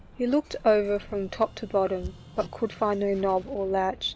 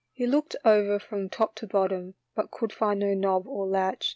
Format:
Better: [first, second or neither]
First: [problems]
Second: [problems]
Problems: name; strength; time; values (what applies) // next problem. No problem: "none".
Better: second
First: background sound (Hammer + Explosion); 17 dB below the speech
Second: none